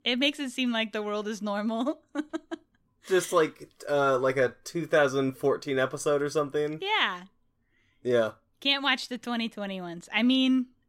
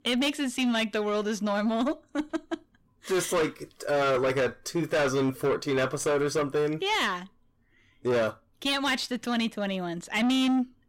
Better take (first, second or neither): first